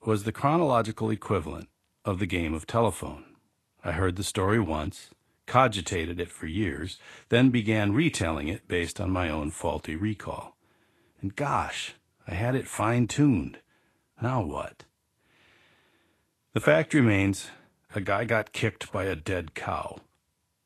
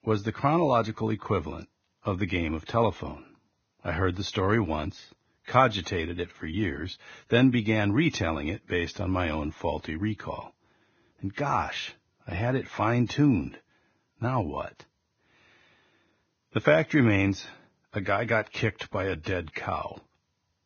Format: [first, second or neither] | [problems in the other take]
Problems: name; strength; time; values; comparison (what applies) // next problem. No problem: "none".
first | garbled, watery; badly; nothing above 6.5 kHz; slightly in the first